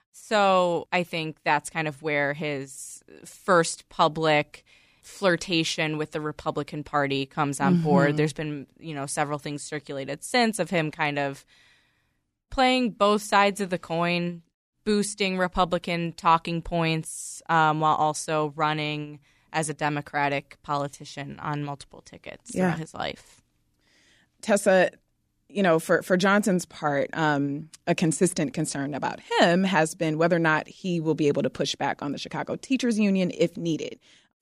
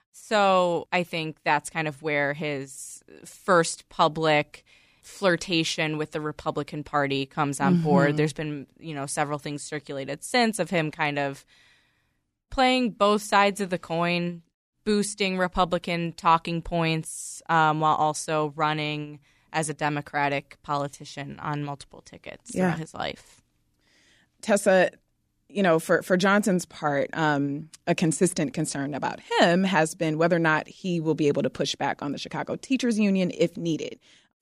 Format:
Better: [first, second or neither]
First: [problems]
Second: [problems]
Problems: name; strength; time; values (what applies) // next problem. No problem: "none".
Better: neither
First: none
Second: none